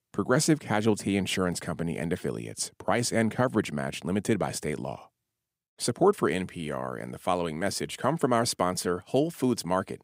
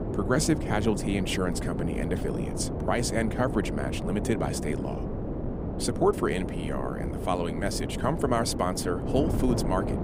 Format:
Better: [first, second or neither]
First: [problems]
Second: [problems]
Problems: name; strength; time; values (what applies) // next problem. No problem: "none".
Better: first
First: none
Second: wind noise on the microphone; heavy; 6 dB below the speech